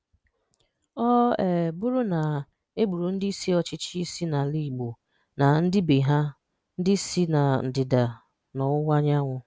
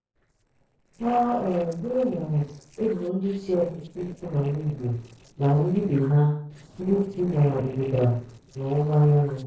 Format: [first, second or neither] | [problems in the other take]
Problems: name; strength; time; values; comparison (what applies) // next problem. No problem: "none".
first | noise reduction (neural separator model SepFormer DNS4)